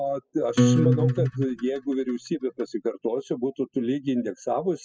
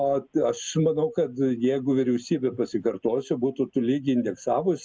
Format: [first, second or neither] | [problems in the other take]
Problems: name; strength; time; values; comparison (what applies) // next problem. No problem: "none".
second | noise reduction (classical method spectral subtraction)